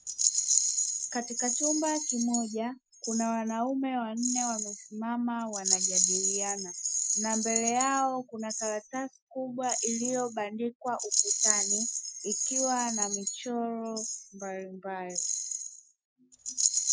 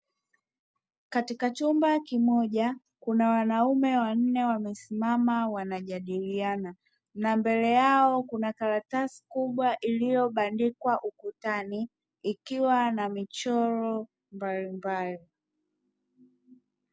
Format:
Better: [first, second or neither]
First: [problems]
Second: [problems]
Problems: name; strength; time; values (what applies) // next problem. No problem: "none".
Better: second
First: noise reduction (classical method Wiener filter)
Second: none